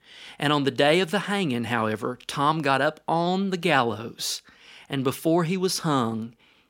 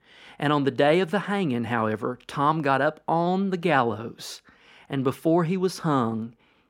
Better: first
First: none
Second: muffled; slightly; fading above 2.5 kHz

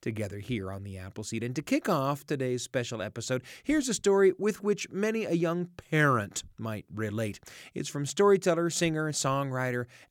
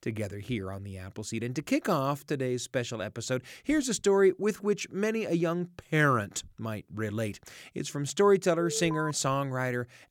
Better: first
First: none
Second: alarm; noticeable; at 8.5 s; peak 7 dB below the speech

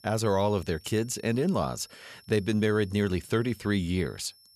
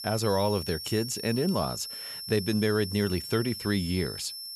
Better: first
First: high-pitched whine; faint; throughout; 5.5 kHz, 25 dB below the speech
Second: high-pitched whine; loud; throughout; 5.5 kHz, 7 dB below the speech

